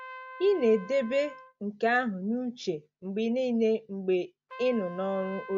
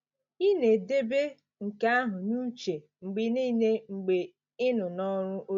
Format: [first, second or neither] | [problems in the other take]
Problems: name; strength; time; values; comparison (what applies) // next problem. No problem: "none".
second | background sound (Trumpet); 18 dB below the speech